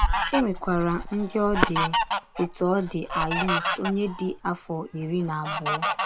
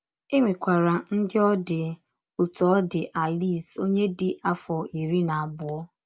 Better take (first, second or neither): second